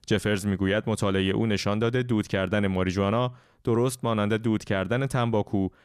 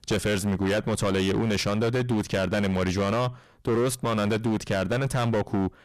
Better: first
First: none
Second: distortion; heavy; 24% of the sound clipped

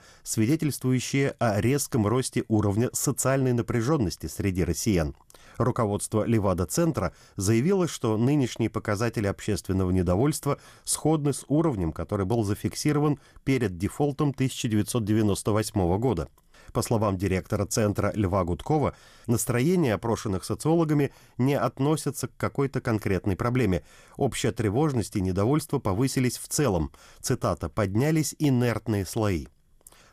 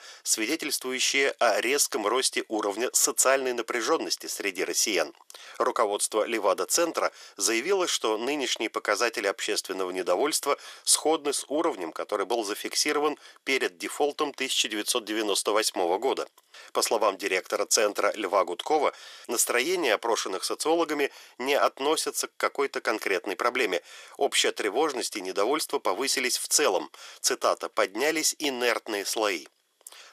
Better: first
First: none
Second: thin; very; fading below 400 Hz

